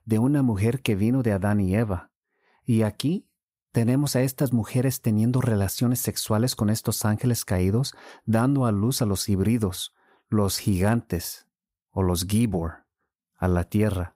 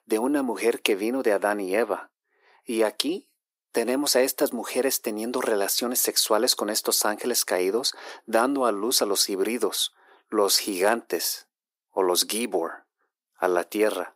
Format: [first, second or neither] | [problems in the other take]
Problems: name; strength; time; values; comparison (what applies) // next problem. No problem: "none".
first | thin; very; fading below 350 Hz